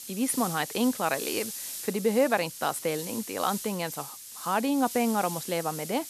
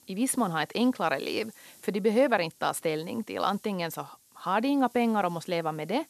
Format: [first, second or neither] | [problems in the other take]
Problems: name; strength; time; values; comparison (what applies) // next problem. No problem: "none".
second | hiss; loud; throughout; 8 dB below the speech; faint in the second